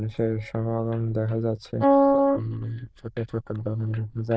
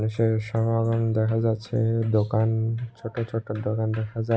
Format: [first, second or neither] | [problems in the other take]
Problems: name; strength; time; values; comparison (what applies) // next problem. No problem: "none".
second | noise reduction (neural diffusion model UNIVERSE++)